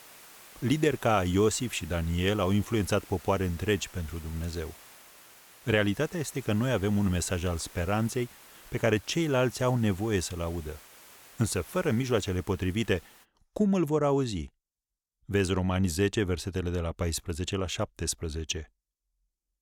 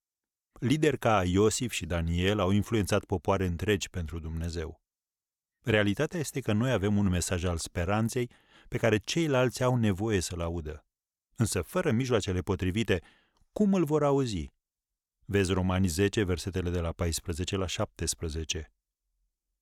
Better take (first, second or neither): second